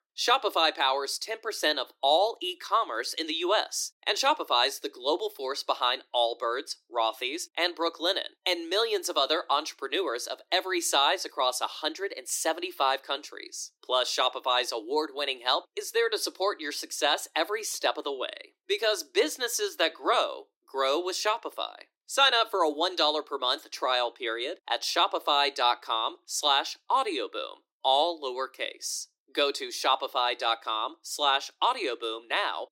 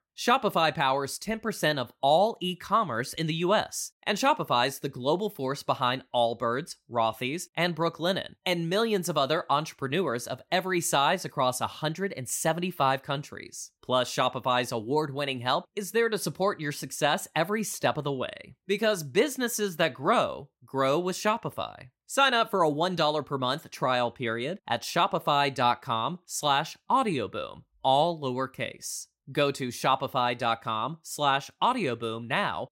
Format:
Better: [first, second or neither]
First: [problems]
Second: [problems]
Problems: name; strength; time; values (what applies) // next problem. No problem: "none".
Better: second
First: thin; very; fading below 300 Hz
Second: none